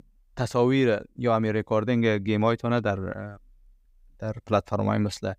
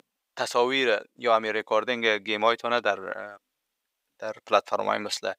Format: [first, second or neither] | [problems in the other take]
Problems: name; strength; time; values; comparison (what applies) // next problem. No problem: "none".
first | thin; very; fading below 600 Hz